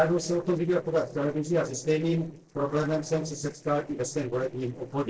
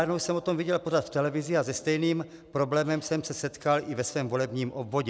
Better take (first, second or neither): second